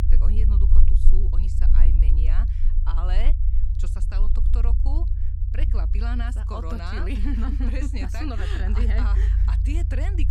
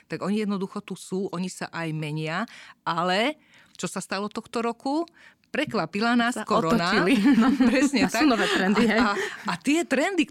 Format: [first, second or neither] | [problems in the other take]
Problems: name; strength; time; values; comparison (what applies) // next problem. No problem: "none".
second | low rumble; loud; throughout; 7 dB below the speech